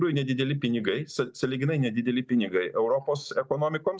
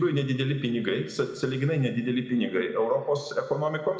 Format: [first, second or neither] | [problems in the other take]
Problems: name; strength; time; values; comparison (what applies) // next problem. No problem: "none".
first | room echo; dies away in 1.3 s